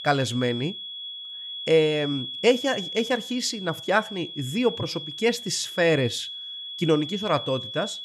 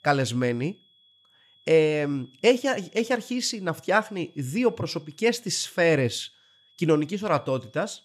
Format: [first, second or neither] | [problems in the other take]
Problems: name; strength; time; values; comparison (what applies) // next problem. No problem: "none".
second | high-pitched whine; loud; throughout; 3.5 kHz, 8 dB below the speech; faint in the second